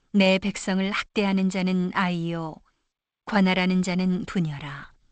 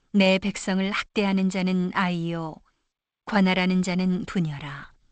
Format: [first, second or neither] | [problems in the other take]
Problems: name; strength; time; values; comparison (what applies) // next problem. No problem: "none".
neither | garbled, watery; slightly; nothing above 8 kHz; the same in both